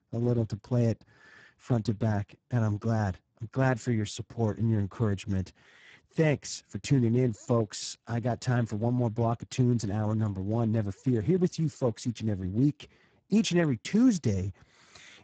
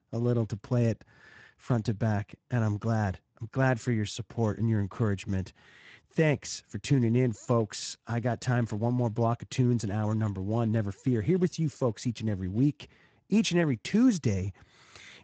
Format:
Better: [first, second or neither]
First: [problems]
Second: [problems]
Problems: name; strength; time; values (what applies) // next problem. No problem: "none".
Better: second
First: garbled, watery; badly; nothing above 8 kHz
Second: garbled, watery; slightly; nothing above 7.5 kHz